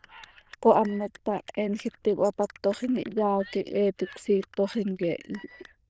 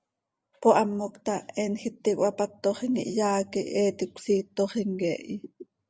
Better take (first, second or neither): second